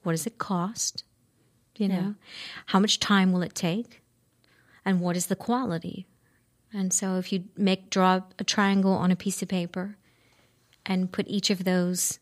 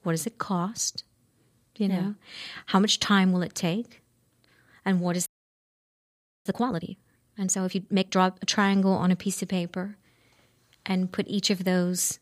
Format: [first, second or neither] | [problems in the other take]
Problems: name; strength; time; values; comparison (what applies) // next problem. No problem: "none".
first | audio freezing; at 5.5 s for 1 s